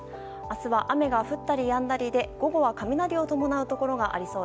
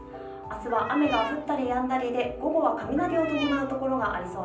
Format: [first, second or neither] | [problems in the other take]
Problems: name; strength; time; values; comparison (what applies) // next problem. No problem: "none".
first | background sound (Cat); 11 dB below the speech // room echo; dies away in 0.6 s